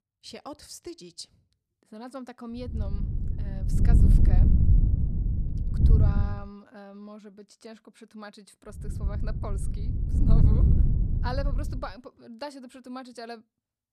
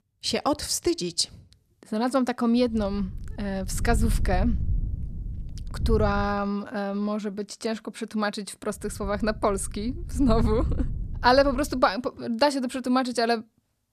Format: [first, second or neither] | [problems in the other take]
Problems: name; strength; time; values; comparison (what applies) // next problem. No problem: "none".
second | wind noise on the microphone; heavy; from 2.5 to 6.5 s and from 9 to 12 s; 2 dB above the speech; occasional gusts in the second